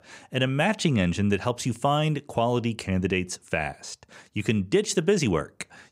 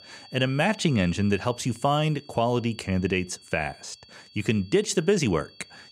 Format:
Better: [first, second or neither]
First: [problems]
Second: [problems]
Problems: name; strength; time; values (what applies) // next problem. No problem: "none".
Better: first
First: none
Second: high-pitched whine; faint; throughout; 4.5 kHz, 25 dB below the speech